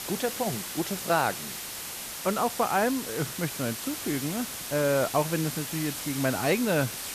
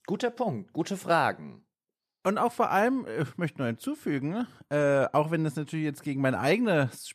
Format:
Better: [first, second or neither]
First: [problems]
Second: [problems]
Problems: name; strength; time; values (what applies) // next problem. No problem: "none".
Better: second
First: hiss; loud; throughout; 5 dB below the speech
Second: none